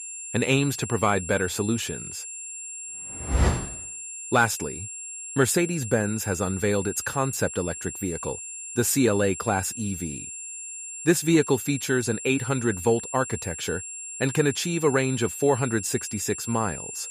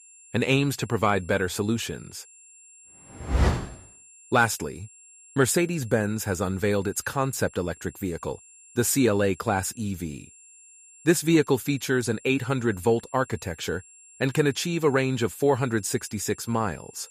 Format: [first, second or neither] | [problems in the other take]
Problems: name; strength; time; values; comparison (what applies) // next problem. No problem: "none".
second | high-pitched whine; loud; throughout; 7.5 kHz, 9 dB below the speech; faint in the second